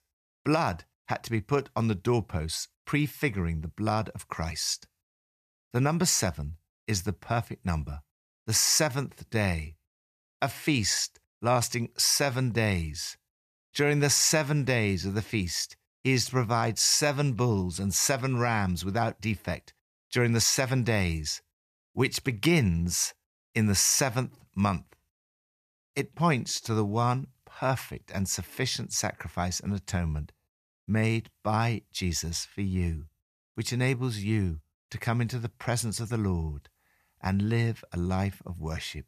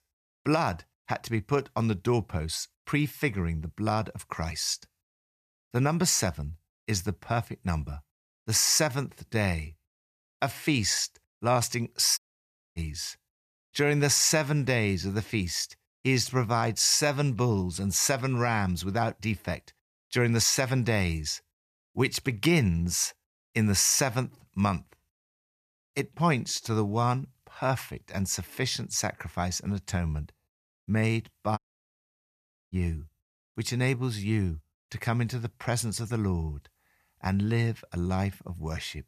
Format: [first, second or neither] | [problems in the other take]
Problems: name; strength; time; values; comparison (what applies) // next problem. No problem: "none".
first | audio cutting out; at 12 s for 0.5 s and at 32 s for 1 s